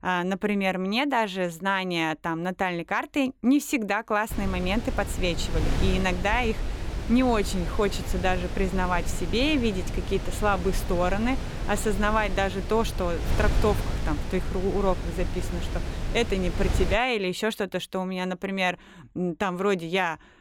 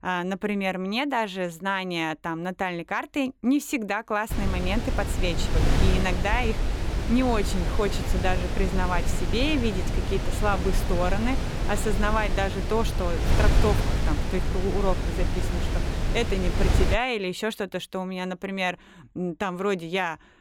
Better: first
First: wind noise on the microphone; occasional gusts; from 4.5 to 17 s; 10 dB below the speech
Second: wind noise on the microphone; heavy; from 4.5 to 17 s; 5 dB below the speech

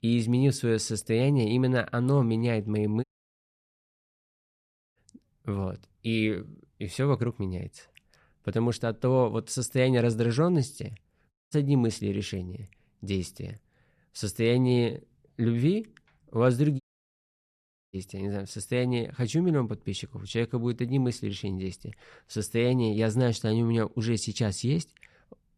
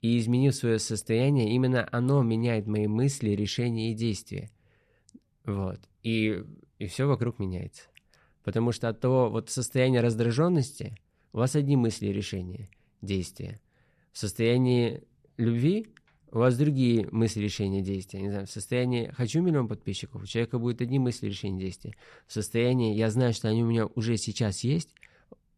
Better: second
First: audio cutting out; at 3 s for 2 s, at 11 s and at 17 s for 1 s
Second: none

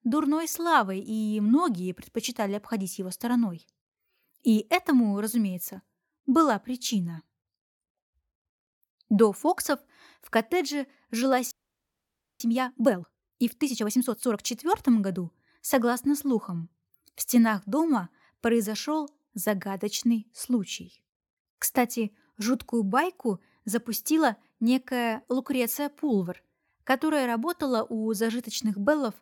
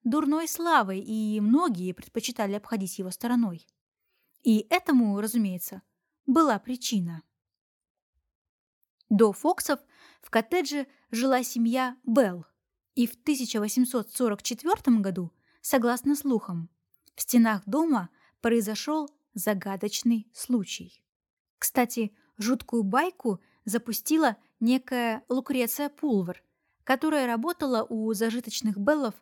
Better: second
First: audio freezing; at 12 s for 1 s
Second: none

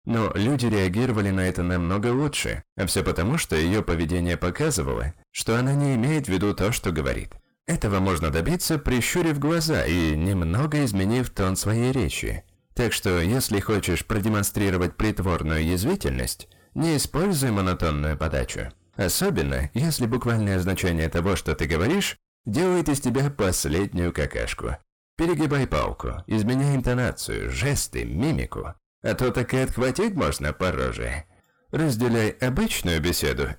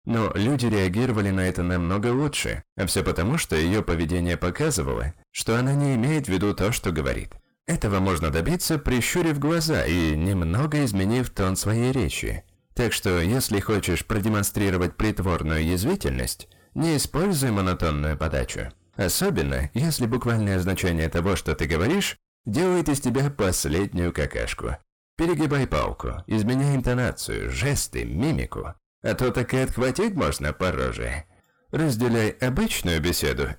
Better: neither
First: distortion; heavy; 7 dB below the speech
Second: distortion; heavy; 7 dB below the speech

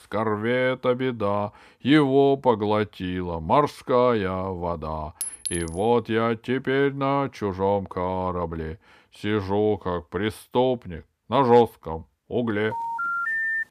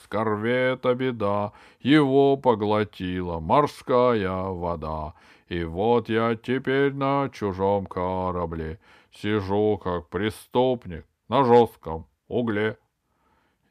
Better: second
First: clattering dishes; noticeable; at 5 s; peak 5 dB below the speech // phone ringing; loud; at 13 s; peak level with the speech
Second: none

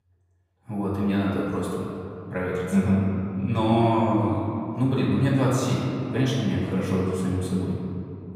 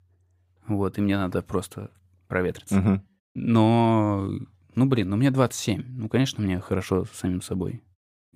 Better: second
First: off-mic speech; far // room echo; noticeable; dies away in 2.5 s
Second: none

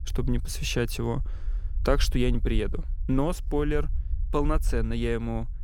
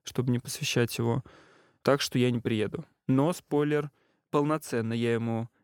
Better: second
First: low rumble; faint; throughout; 25 dB below the speech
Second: none

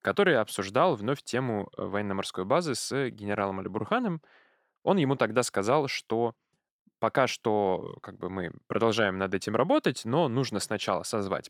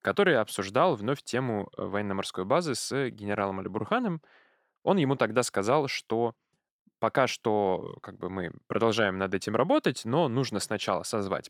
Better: neither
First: none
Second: none

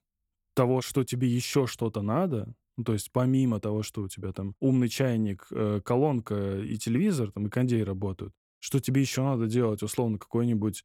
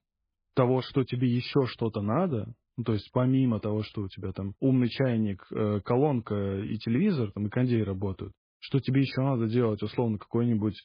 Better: first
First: none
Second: garbled, watery; badly; nothing above 5 kHz

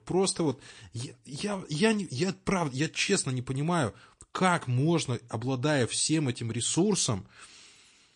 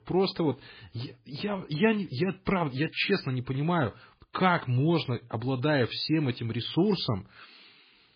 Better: first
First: garbled, watery; slightly; nothing above 9 kHz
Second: garbled, watery; badly; nothing above 4.5 kHz

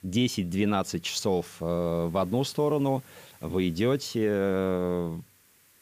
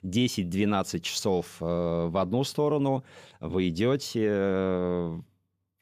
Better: second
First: hiss; faint; throughout; 25 dB below the speech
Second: none

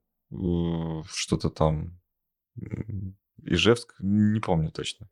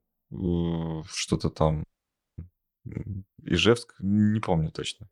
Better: first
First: none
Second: audio freezing; at 2 s for 0.5 s

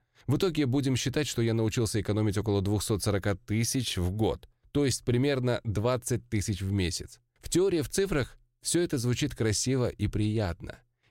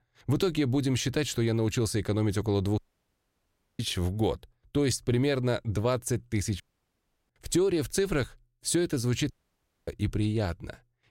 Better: first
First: none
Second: audio cutting out; at 3 s for 1 s, at 6.5 s for 0.5 s and at 9.5 s for 0.5 s

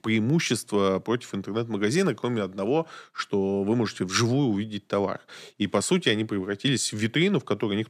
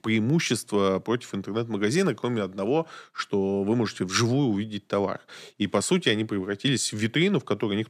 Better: neither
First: none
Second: none

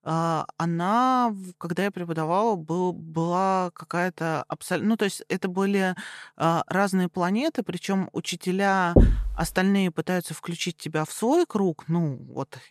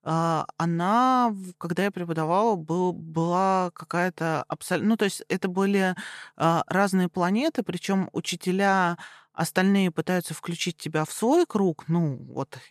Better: second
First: door banging; loud; at 9 s; peak 6 dB above the speech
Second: none

